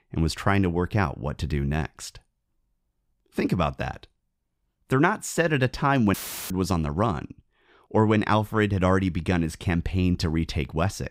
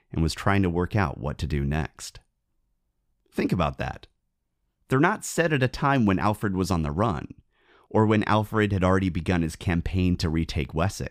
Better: second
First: audio cutting out; filled with static; at 6 s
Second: none

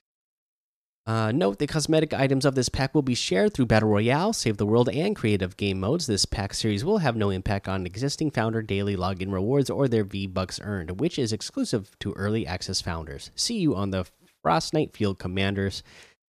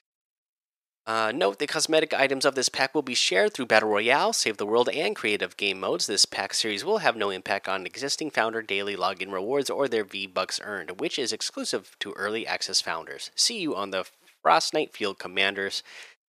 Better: first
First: none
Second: thin; very; fading below 500 Hz

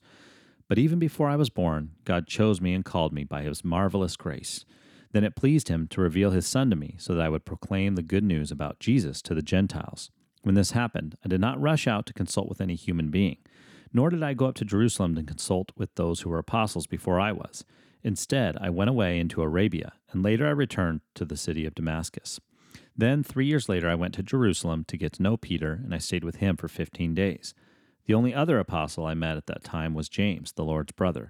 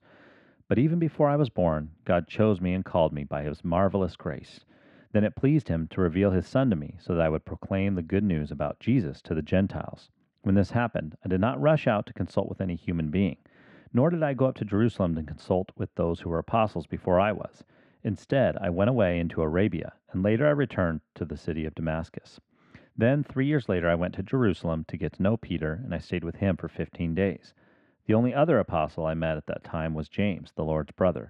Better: first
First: none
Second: muffled; very; fading above 2 kHz

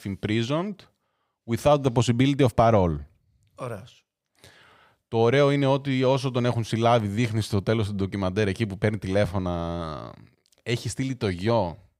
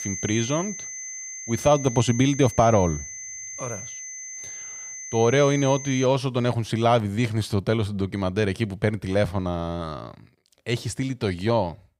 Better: first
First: none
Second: high-pitched whine; loud; until 6 s; 6.5 kHz, 10 dB below the speech

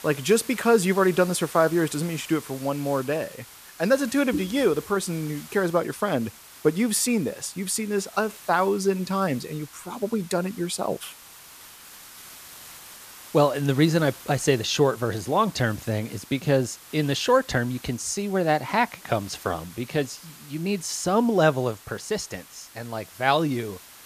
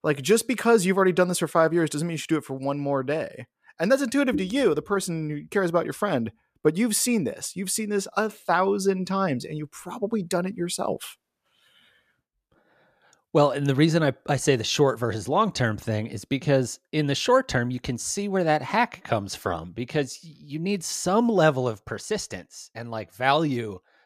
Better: second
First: hiss; noticeable; throughout; 20 dB below the speech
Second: none

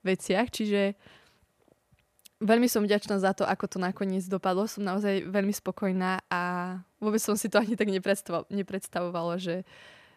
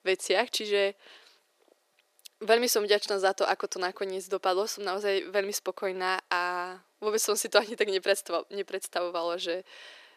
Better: first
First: none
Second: thin; very; fading below 350 Hz

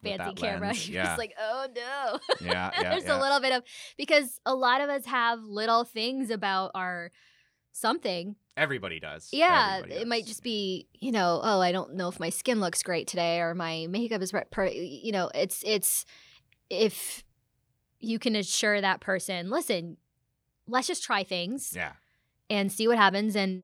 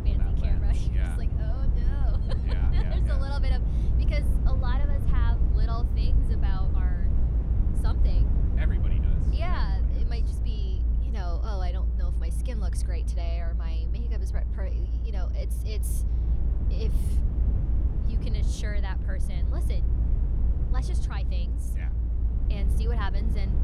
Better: first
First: none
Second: low rumble; loud; throughout; 2 dB below the speech

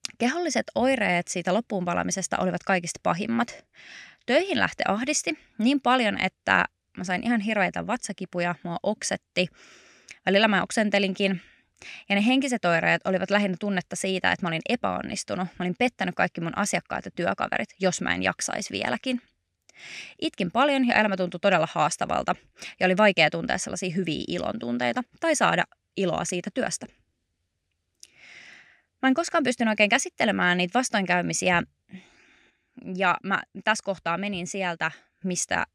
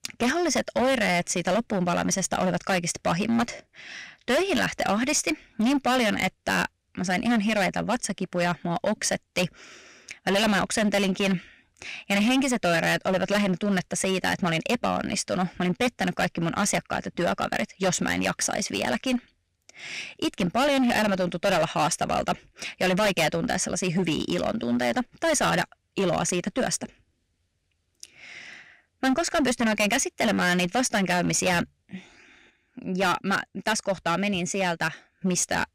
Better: first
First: none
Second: distortion; heavy; 14% of the sound clipped

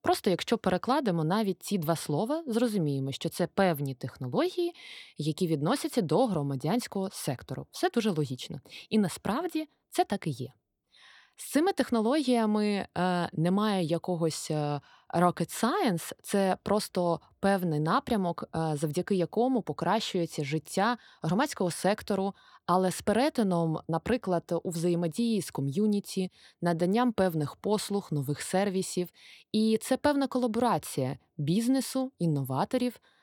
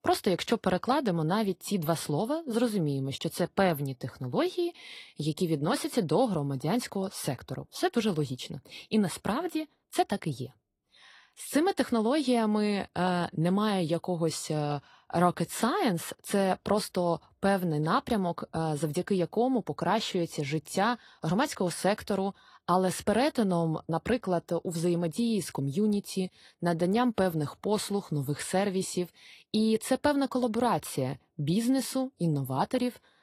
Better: first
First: none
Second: garbled, watery; slightly; nothing above 13.5 kHz

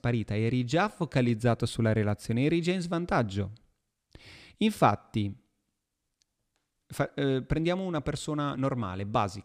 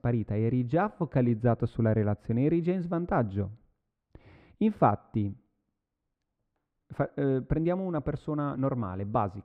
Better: first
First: none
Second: muffled; very; fading above 2.5 kHz

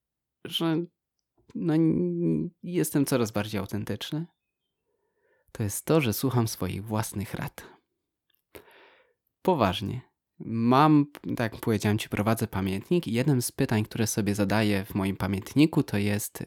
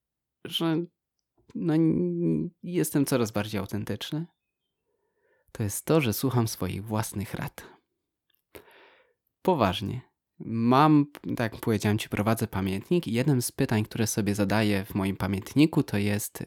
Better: neither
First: none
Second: none

